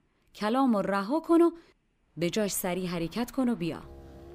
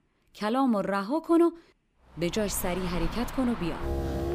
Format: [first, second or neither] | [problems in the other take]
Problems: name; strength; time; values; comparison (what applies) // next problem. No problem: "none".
first | traffic noise; loud; from 2.5 s on; 8 dB below the speech; faint in the first